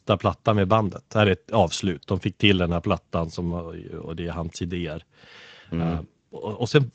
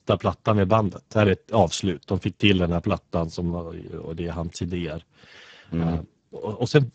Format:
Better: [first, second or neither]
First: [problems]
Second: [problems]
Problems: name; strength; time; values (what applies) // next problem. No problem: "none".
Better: first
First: garbled, watery; slightly; nothing above 8 kHz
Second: garbled, watery; badly; nothing above 7.5 kHz